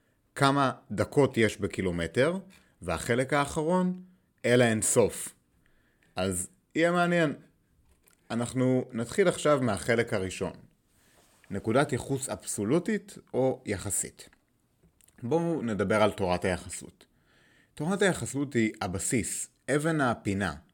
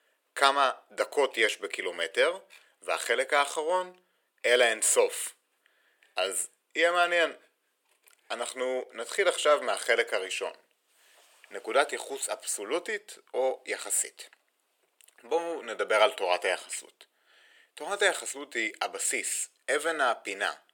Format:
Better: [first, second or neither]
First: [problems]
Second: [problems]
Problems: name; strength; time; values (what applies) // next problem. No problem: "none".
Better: first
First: none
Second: thin; very; fading below 450 Hz